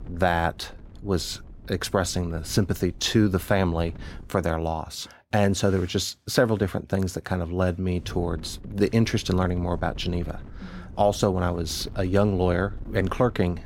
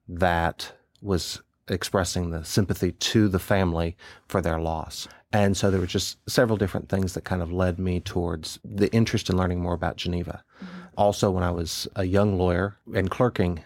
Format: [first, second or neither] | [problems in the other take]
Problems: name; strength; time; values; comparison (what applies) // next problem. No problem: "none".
second | wind noise on the microphone; occasional gusts; until 4.5 s and from 8 s on; 25 dB below the speech